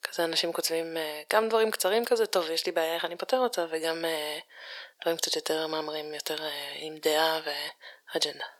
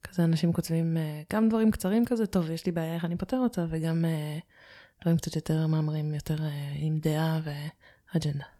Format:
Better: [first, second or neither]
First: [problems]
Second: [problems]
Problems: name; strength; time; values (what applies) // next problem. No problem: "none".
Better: second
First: thin; very; fading below 450 Hz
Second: none